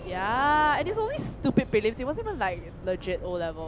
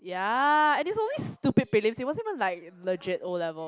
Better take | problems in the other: second | background sound (Sliding door); 12 dB below the speech

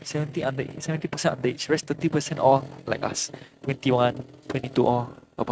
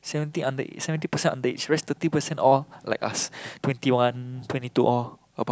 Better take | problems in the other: second | noise reduction (neural mask model RNNoise)

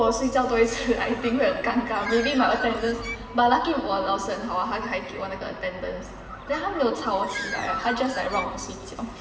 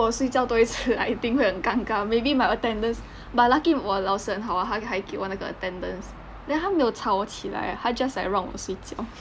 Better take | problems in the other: second | background sound (Bird); 13 dB below the speech // room echo; dies away in 2.4 s

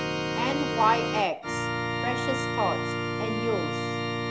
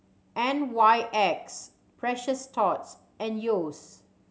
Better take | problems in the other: second | background sound (Organ); 1 dB above the speech

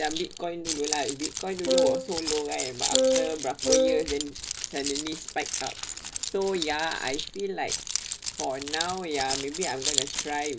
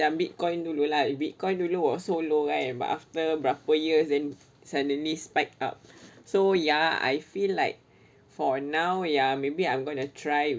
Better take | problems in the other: second | background sound (Wind instrument, woodwind instrument + Keys jangling); 2 dB above the speech

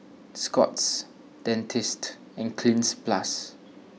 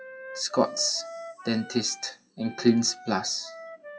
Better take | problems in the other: first | noise reduction (classical method WPE with log-MMSE)

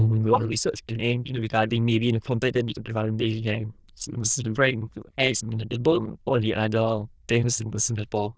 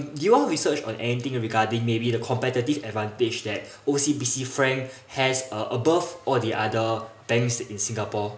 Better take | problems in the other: second | noise reduction (neural diffusion model UNIVERSE++)

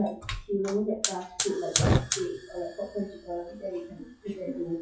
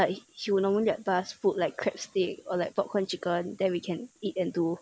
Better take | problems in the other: second | noise reduction (classical method WPE with log-MMSE)

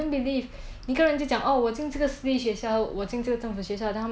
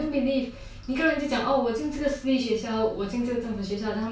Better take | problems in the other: first | room echo; dies away in 0.2 s

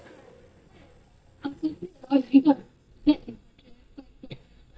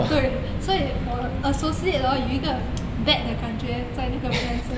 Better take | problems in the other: second | noise reduction (neural mask model DeepFilterNet 3)

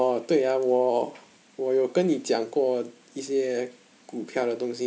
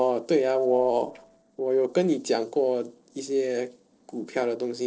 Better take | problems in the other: first | noise reduction (neural separator model SepFormer DNS4)

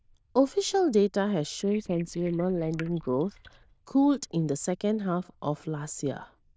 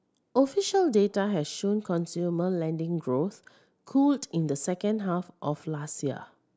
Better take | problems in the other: second | noise reduction (neural diffusion model UNIVERSE++)

